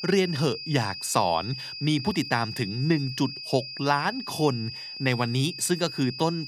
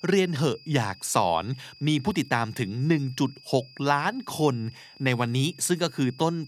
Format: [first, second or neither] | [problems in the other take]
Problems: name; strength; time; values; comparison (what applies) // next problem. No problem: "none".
second | high-pitched whine; loud; throughout; 5 kHz, 8 dB below the speech; faint in the second